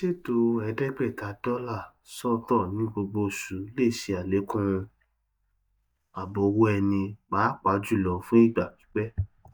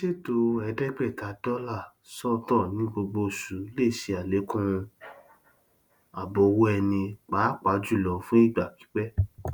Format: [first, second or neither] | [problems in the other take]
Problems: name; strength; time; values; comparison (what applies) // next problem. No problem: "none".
second | noise reduction (neural mask model DeepFilterNet 3)